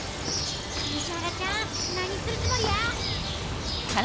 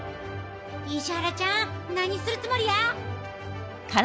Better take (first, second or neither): second